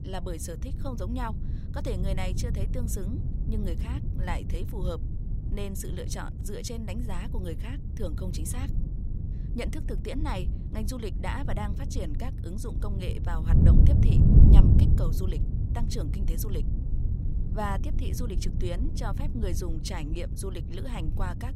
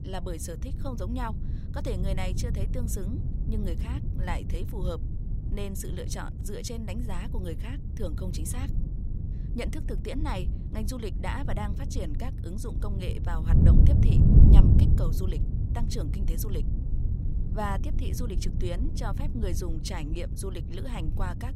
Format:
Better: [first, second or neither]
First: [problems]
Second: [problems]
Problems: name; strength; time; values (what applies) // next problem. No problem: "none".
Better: neither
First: wind noise on the microphone; heavy; 3 dB below the speech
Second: wind noise on the microphone; heavy; 3 dB below the speech